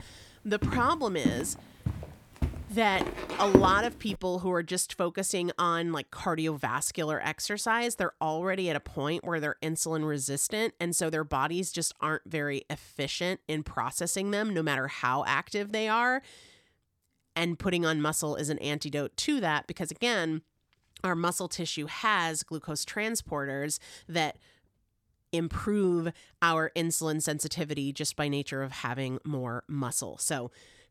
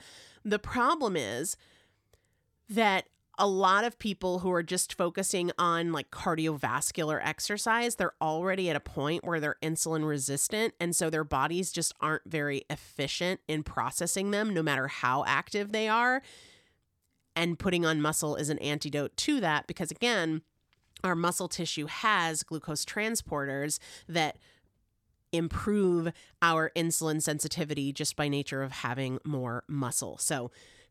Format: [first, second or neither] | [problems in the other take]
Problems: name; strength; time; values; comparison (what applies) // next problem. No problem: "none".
second | footsteps; loud; from 0.5 to 3.5 s; peak 5 dB above the speech